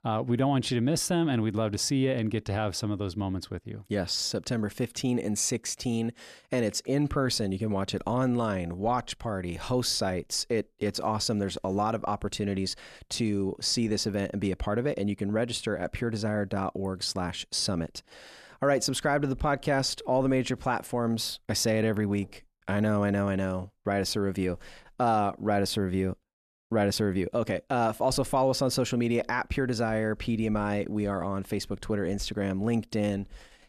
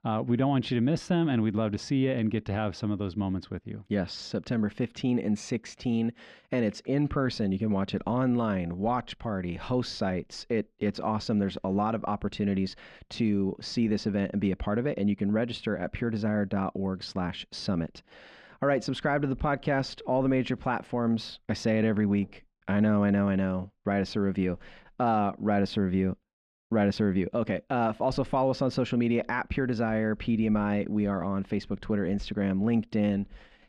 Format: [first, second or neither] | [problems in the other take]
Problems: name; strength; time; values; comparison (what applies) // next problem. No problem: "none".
first | muffled; slightly; fading above 3 kHz